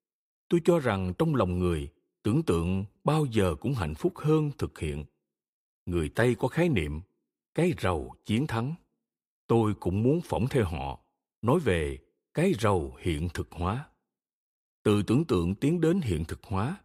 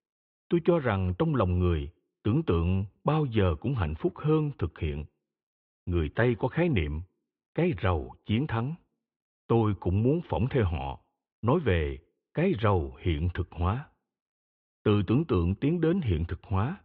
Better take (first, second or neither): first